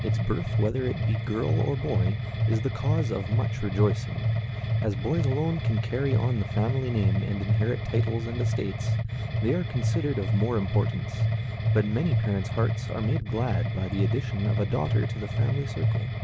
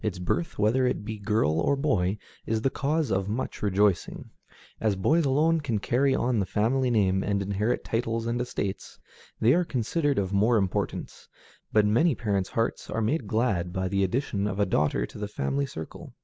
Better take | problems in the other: second | background sound (Mechanisms); 3 dB above the speech

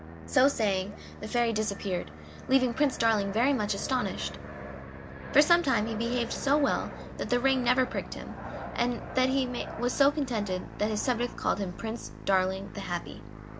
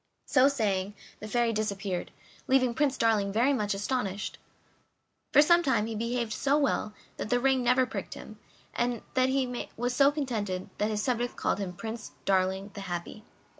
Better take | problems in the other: second | background sound (Musical instrument + Fixed-wing aircraft, airplane); 12 dB below the speech

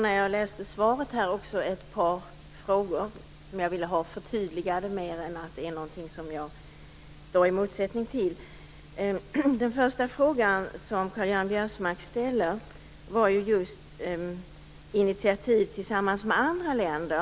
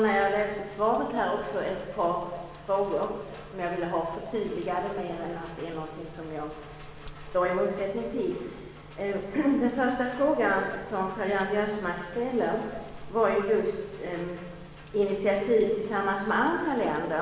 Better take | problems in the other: first | background sound (Rain); 19 dB below the speech // room echo; dies away in 1.2 s

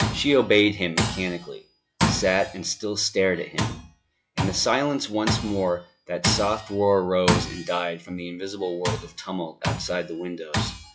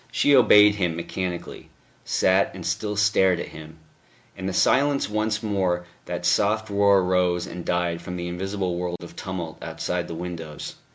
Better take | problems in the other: second | noise reduction (classical method log-MMSE)

